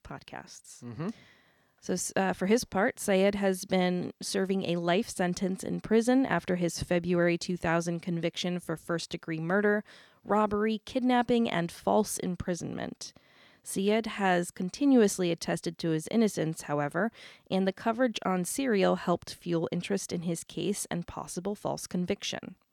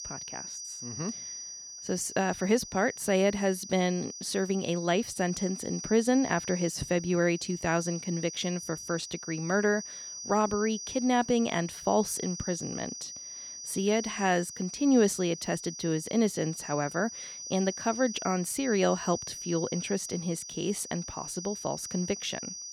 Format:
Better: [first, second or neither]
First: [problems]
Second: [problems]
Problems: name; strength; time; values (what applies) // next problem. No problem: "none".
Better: first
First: none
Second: high-pitched whine; loud; throughout; 6 kHz, 9 dB below the speech